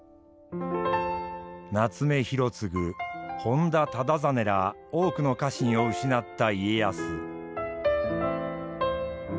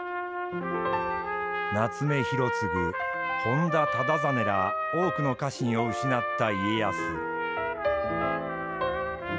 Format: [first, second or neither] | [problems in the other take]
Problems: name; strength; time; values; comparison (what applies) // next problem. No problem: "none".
first | background sound (Trumpet); 2 dB below the speech